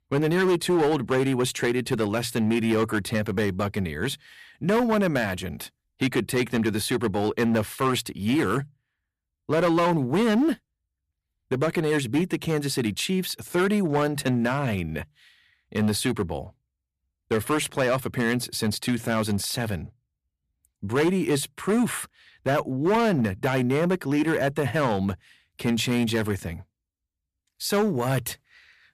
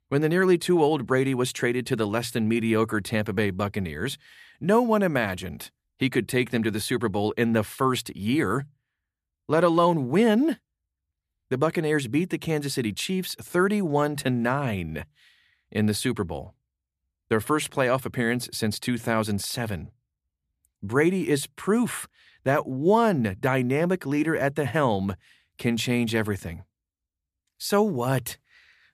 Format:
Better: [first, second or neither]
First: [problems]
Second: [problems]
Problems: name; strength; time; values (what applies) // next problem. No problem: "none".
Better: second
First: distortion; slight; 7% of the sound clipped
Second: none